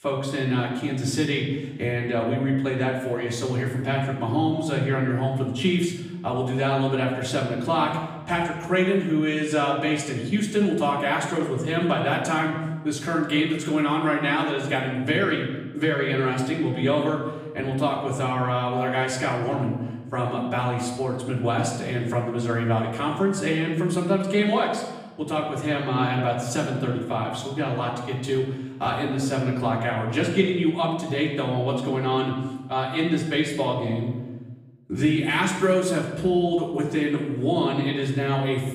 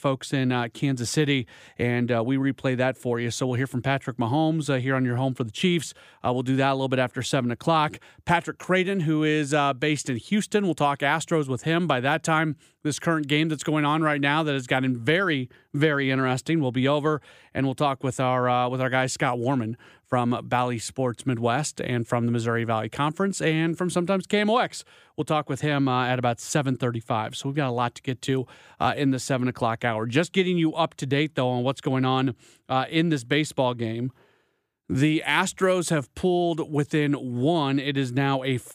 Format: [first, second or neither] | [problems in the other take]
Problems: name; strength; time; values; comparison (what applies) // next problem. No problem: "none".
second | off-mic speech; far // room echo; noticeable; dies away in 1 s